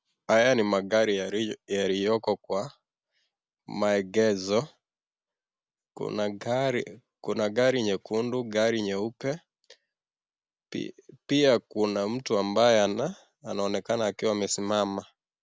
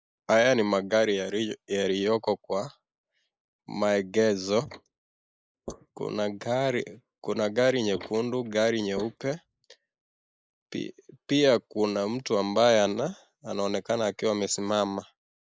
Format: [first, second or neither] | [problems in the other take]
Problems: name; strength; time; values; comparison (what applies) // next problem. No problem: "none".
first | noise reduction (neural mask model Resemble Enhance denoiser)